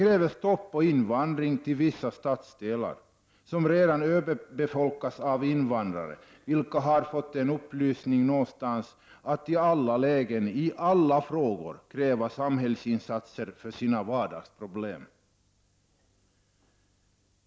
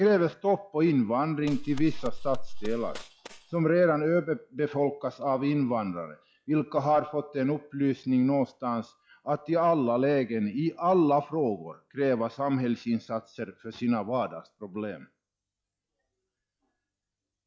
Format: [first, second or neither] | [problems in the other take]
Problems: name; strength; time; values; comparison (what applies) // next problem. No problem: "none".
first | noise reduction (classical method log-MMSE)